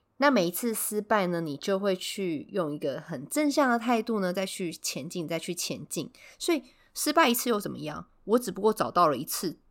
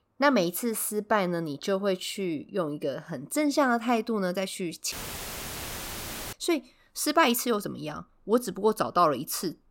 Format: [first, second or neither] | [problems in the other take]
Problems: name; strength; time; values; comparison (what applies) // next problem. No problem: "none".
first | audio cutting out; filled with static; at 5 s for 1.5 s